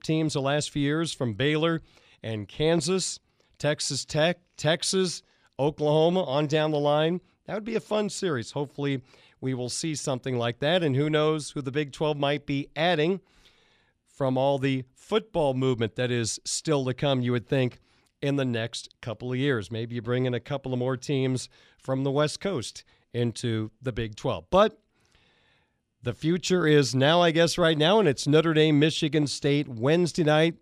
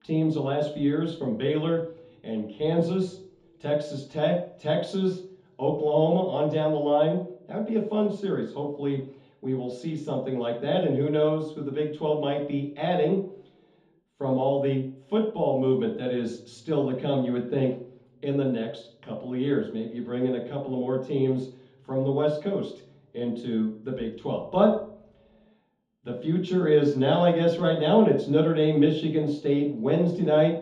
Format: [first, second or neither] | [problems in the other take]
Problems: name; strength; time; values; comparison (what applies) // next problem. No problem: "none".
first | room echo; noticeable; dies away in 0.6 s // off-mic speech; far